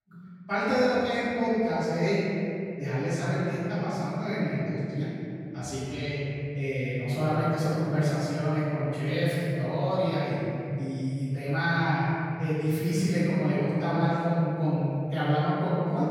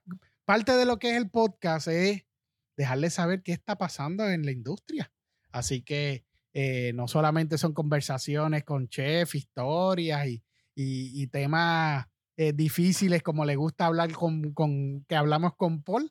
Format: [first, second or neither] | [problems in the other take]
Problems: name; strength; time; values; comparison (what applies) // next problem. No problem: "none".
second | room echo; strong; dies away in 2.6 s // off-mic speech; far